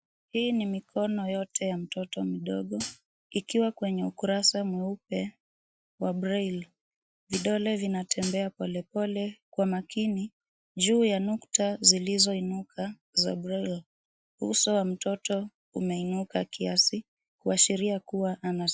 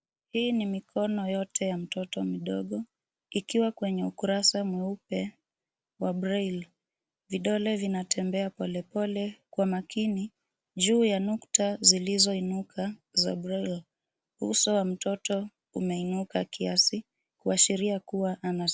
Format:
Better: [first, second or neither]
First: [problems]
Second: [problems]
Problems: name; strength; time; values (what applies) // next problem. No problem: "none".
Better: second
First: noise reduction (classical method Wiener filter)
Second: none